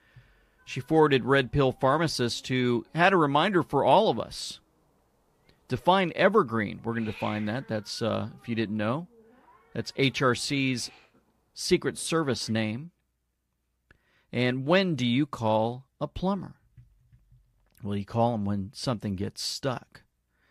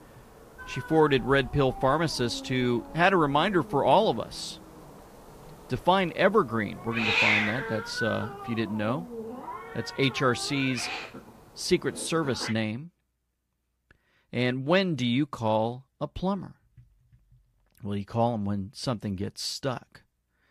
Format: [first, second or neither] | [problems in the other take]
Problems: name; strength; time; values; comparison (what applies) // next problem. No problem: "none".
first | hiss; loud; until 12 s; 5 dB below the speech; faint in the first